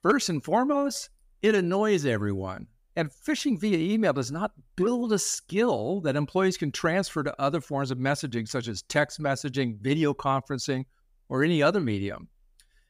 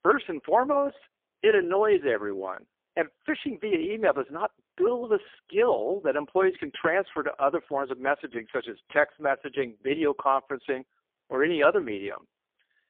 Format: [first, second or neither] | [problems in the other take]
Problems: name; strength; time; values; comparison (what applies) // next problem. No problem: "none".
first | phone-call audio; poor line; nothing above 3.5 kHz